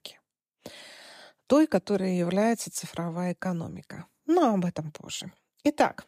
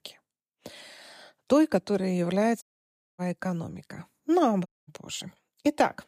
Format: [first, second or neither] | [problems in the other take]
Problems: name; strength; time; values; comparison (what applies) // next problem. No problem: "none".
first | audio cutting out; at 2.5 s for 0.5 s and at 4.5 s